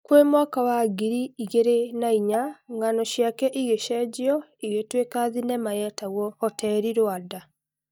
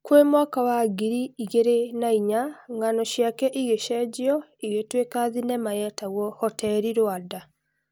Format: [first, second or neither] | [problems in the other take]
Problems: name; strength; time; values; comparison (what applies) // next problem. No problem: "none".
second | noise reduction (neural mask model DeepFilterNet 3)